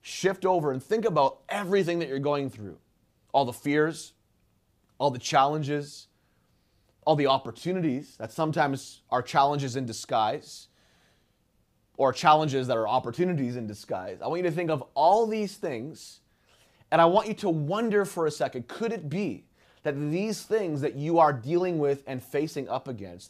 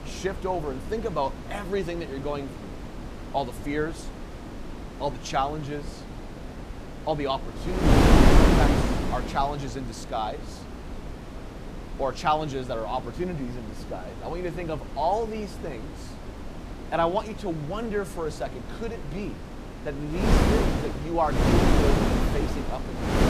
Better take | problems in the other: first | wind noise on the microphone; heavy; as loud as the speech

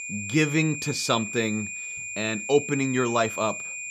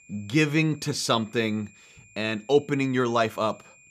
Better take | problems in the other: second | high-pitched whine; loud; throughout; 2.5 kHz, 7 dB below the speech; faint in the second

